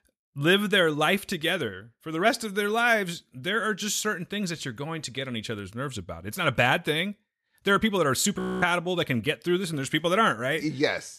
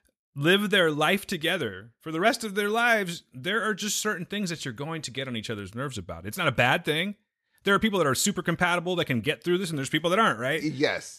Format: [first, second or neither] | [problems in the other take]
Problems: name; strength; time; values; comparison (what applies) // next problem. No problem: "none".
second | audio freezing; at 8.5 s